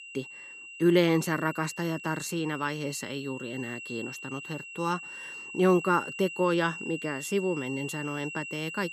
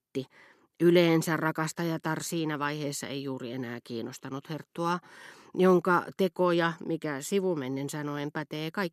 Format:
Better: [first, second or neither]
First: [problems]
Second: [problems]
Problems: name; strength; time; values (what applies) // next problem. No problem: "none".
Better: second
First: high-pitched whine; loud; throughout; 2.5 kHz, 10 dB below the speech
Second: none